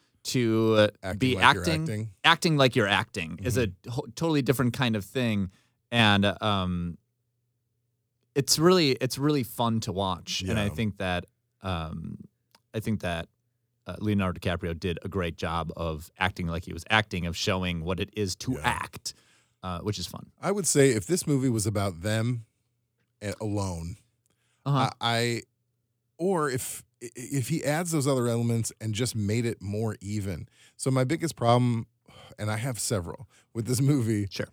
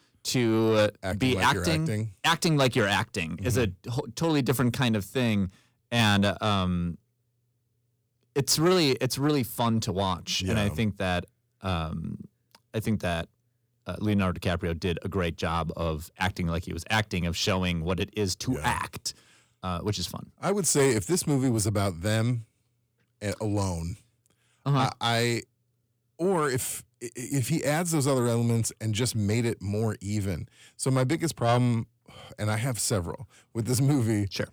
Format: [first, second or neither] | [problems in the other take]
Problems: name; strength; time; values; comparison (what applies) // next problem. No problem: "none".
first | distortion; slight; 10 dB below the speech